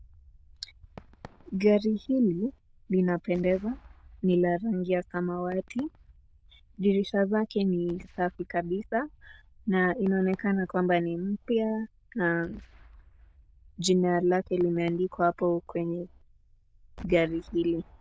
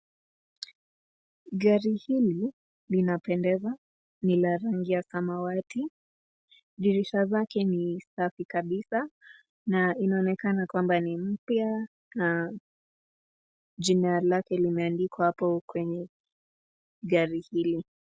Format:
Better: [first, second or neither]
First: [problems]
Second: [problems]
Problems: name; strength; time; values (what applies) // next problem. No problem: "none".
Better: second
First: noise reduction (neural diffusion model UNIVERSE++)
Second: none